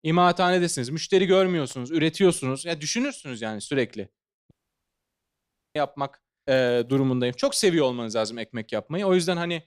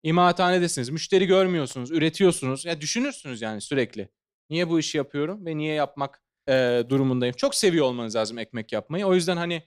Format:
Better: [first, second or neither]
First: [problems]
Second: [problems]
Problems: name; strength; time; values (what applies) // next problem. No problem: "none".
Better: second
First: audio cutting out; at 4.5 s for 1 s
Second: none